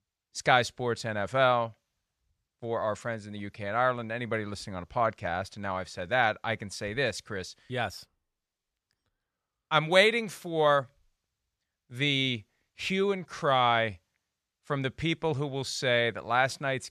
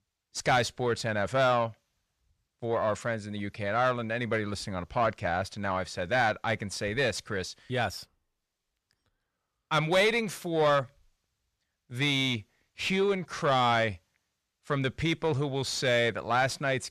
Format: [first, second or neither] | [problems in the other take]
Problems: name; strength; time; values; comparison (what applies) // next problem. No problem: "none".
first | distortion; slight; 10 dB below the speech